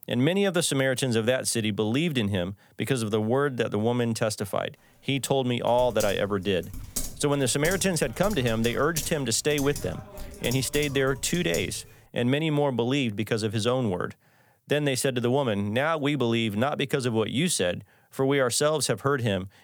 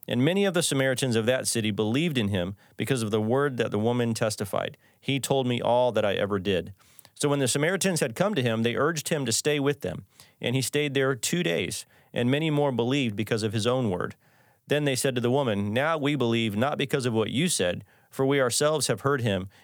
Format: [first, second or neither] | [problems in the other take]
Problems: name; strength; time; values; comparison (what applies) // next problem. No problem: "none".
second | keyboard typing; noticeable; from 6 to 12 s; peak 7 dB below the speech